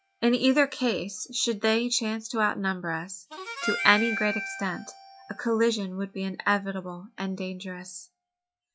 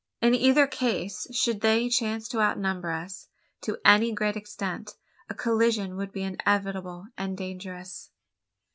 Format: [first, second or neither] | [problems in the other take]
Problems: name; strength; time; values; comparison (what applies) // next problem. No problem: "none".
second | noise reduction (classical method log-MMSE)